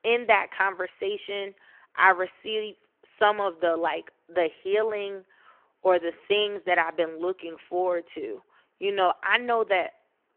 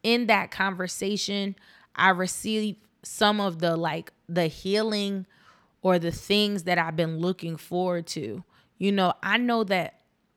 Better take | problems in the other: second | phone-call audio; nothing above 3 kHz

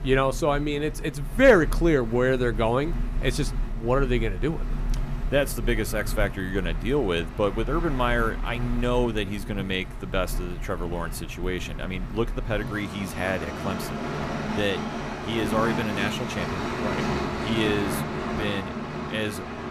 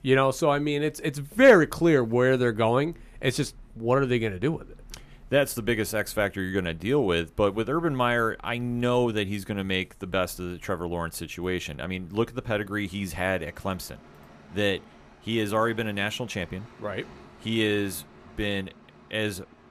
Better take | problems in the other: second | train or aircraft noise; loud; throughout; 6 dB below the speech; faint in the second

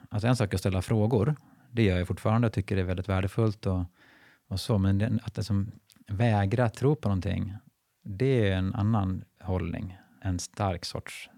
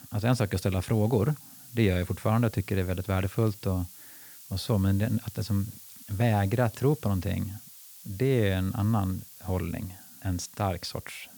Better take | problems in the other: first | hiss; noticeable; throughout; 15 dB below the speech

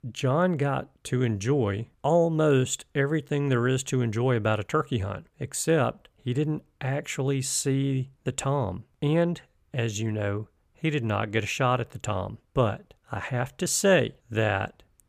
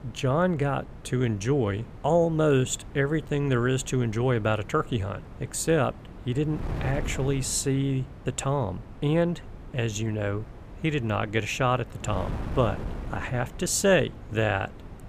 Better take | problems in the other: first | wind noise on the microphone; occasional gusts; 20 dB below the speech

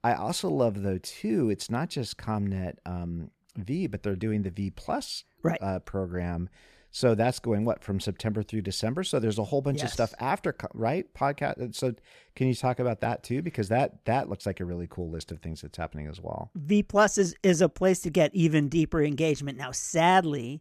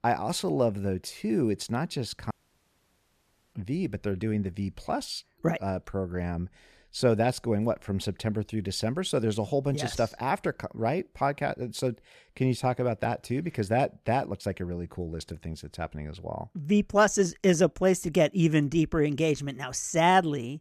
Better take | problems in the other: first | audio cutting out; at 2.5 s for 1 s

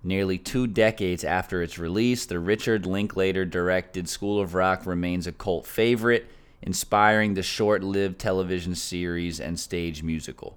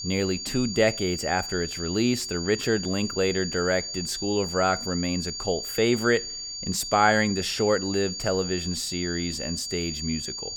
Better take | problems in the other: first | high-pitched whine; loud; throughout; 4.5 kHz, 6 dB below the speech

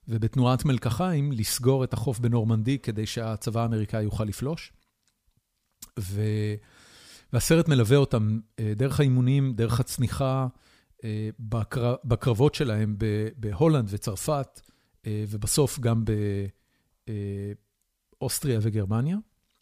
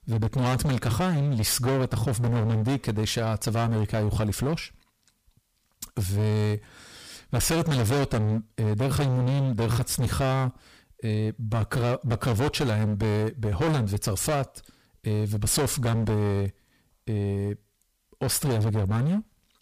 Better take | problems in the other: first | distortion; heavy; 24% of the sound clipped

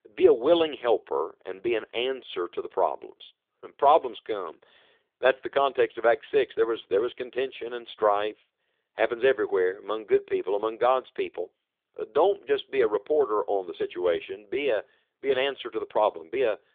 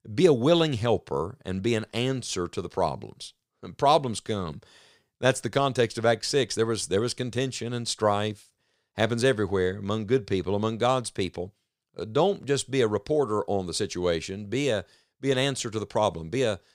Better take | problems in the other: second | phone-call audio; nothing above 3.5 kHz

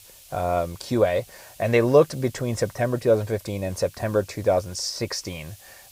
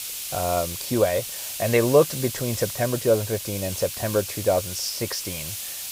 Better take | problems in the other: first | hiss; loud; throughout; 6 dB below the speech; faint in the first

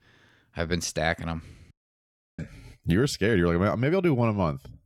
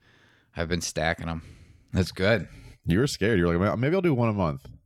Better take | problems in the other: second | audio cutting out; at 1.5 s for 0.5 s

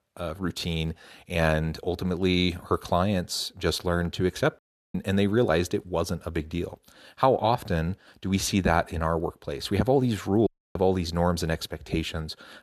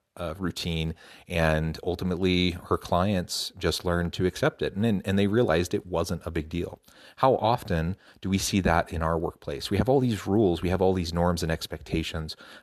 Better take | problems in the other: second | audio cutting out; at 4.5 s and at 10 s

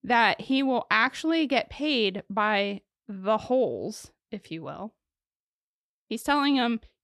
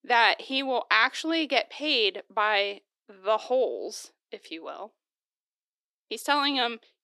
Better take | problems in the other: first | thin; somewhat; fading below 350 Hz

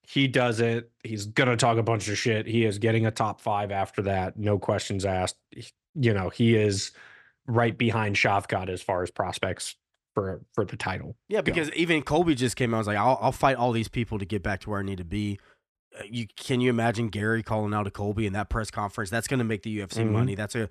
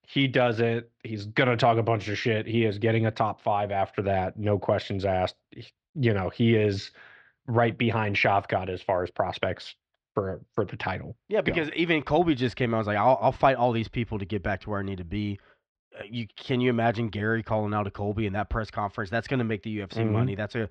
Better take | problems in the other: first | muffled; slightly; fading above 4.5 kHz

